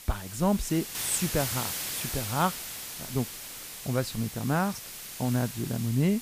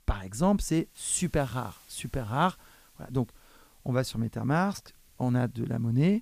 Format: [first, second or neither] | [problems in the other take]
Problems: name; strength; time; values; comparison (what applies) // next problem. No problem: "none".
second | hiss; loud; throughout; 5 dB below the speech; faint in the second